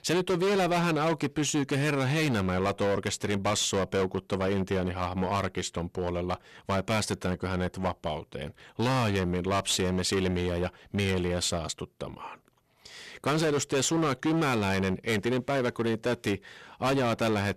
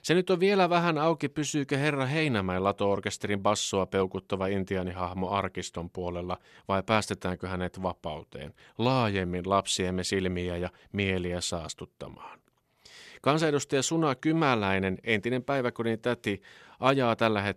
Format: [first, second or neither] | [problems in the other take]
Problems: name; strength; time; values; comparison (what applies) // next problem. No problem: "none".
second | distortion; heavy; 15% of the sound clipped